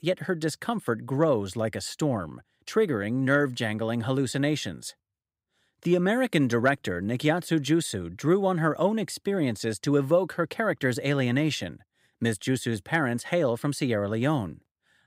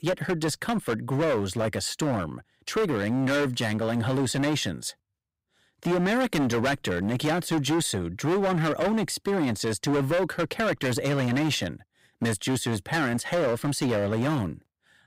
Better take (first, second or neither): first